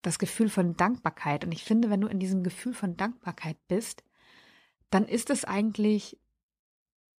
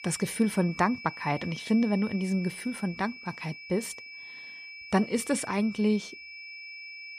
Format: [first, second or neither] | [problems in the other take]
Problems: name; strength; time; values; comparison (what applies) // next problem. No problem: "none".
first | high-pitched whine; noticeable; throughout; 2.5 kHz, 15 dB below the speech